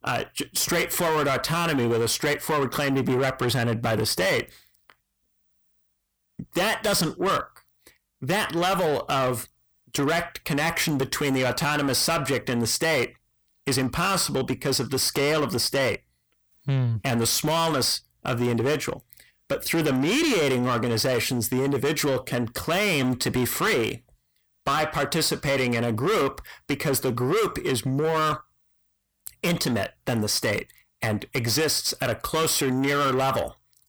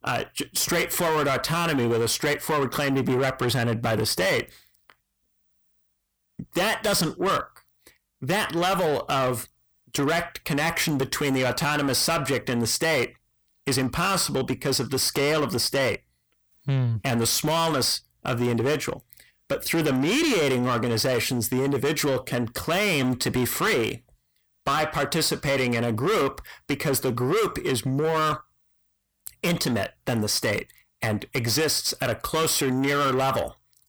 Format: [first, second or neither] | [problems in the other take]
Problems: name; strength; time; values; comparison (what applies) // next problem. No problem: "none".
neither | distortion; heavy; 8 dB below the speech; the same in both